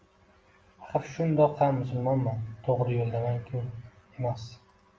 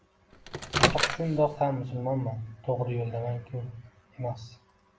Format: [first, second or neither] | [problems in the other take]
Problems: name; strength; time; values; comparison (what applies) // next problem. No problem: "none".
first | background sound (Microwave oven); 3 dB above the speech